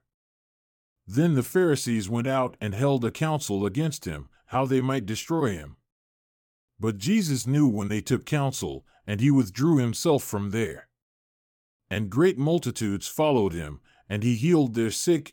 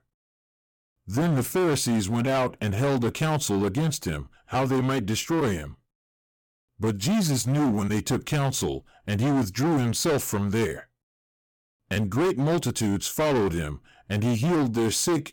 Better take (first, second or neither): first